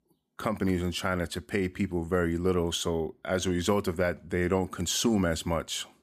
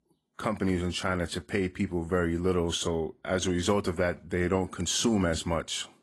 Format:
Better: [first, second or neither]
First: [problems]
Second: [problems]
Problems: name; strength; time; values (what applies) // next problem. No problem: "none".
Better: first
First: none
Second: garbled, watery; slightly; nothing above 11.5 kHz